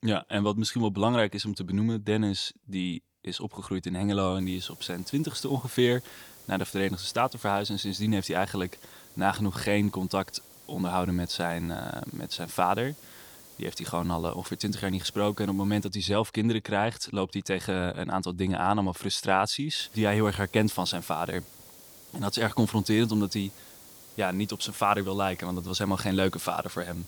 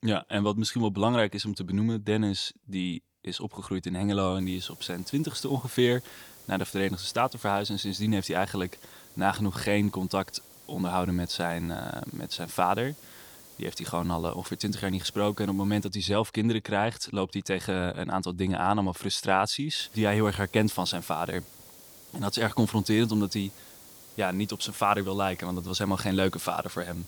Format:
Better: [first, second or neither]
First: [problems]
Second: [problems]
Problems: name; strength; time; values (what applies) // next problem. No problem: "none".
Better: neither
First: hiss; noticeable; from 4.5 to 16 s and from 20 s on; 20 dB below the speech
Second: hiss; noticeable; from 4.5 to 16 s and from 20 s on; 20 dB below the speech